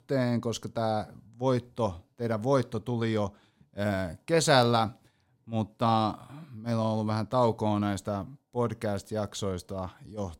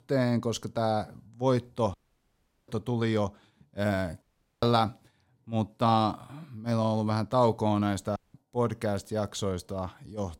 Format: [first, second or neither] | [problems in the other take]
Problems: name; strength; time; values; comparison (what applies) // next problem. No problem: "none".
first | audio cutting out; at 2 s for 0.5 s, at 4 s and at 8 s